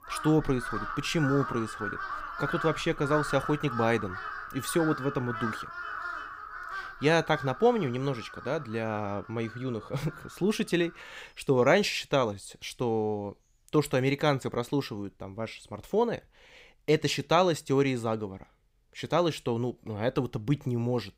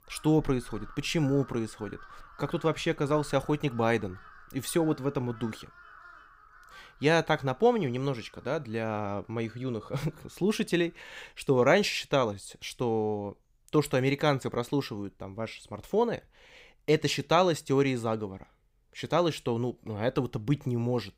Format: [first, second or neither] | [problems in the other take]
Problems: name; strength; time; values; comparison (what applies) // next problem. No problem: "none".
second | animal sounds; loud; throughout; 9 dB below the speech; faint in the second